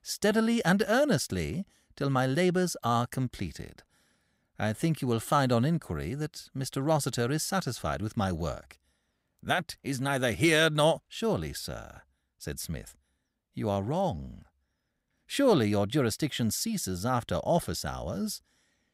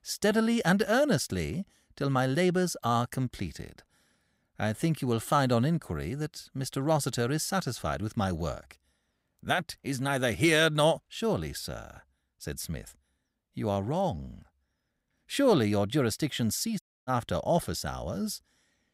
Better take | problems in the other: first | audio cutting out; at 17 s

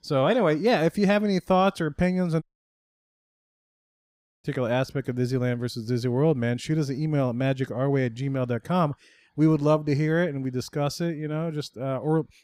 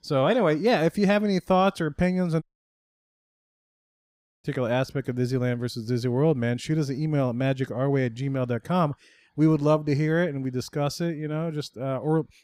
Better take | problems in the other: neither | audio cutting out; at 2.5 s for 2 s; the same in both

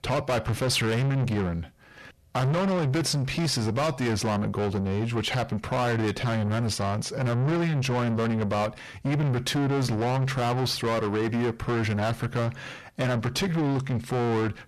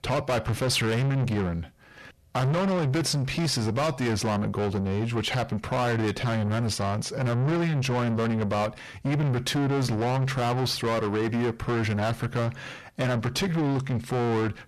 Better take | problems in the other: neither | distortion; heavy; 7 dB below the speech; the same in both

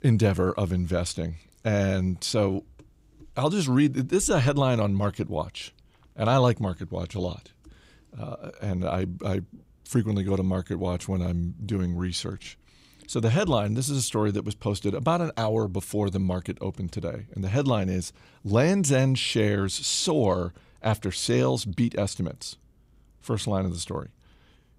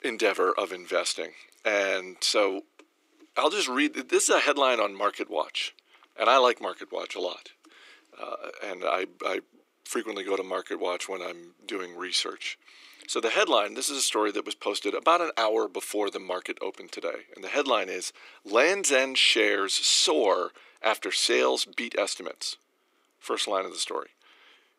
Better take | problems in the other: first | thin; very; fading below 300 Hz

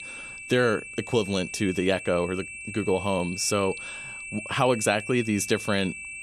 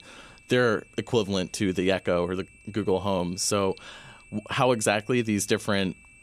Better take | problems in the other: second | high-pitched whine; loud; throughout; 2.5 kHz, 10 dB below the speech; faint in the second

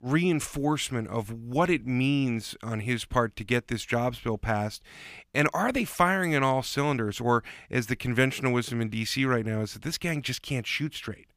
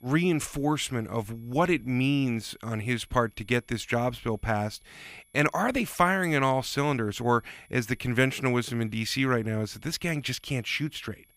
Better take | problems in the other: first | high-pitched whine; faint; throughout; 11 kHz, 35 dB below the speech

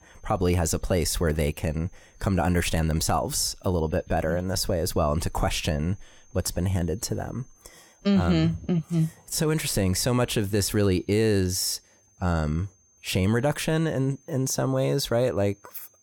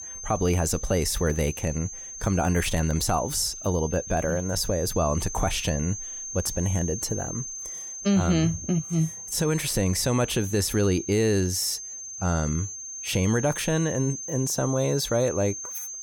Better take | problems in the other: first | high-pitched whine; loud; throughout; 6.5 kHz, 8 dB below the speech; faint in the first

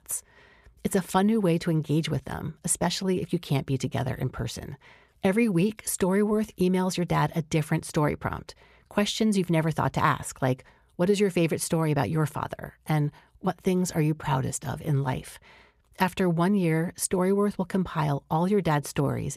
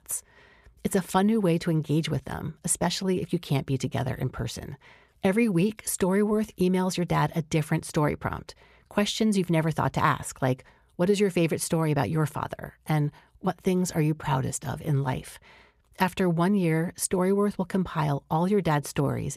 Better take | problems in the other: neither | none

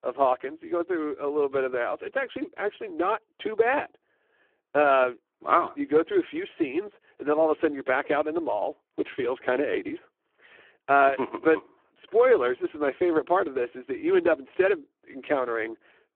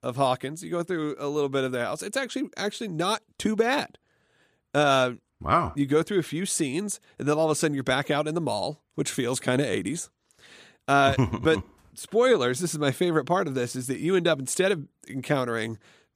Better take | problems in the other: second | phone-call audio; poor line

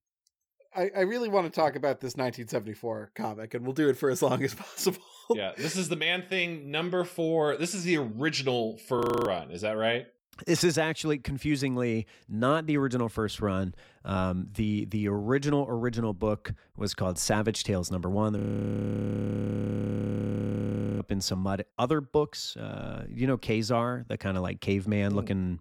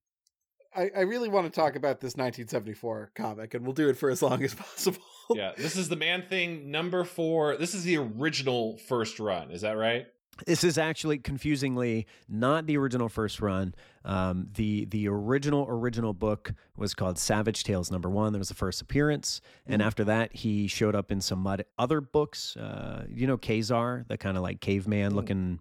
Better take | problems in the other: second | audio freezing; at 9 s and at 18 s for 2.5 s

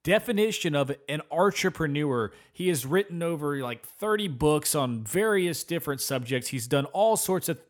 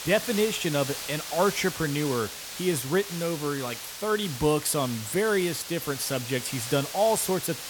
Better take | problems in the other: first | hiss; loud; throughout; 8 dB below the speech

